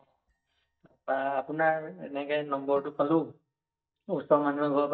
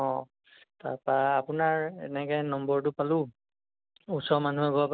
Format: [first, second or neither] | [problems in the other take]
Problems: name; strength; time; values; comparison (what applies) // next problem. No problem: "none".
second | noise reduction (neural mask model DeepFilterNet 3)